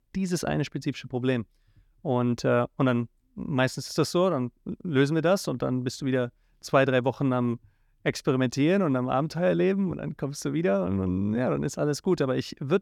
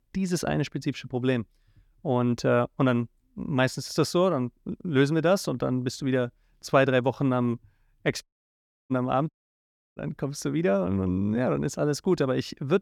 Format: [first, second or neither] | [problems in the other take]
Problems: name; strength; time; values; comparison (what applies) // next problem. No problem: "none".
first | audio cutting out; at 8 s for 0.5 s and at 9.5 s for 0.5 s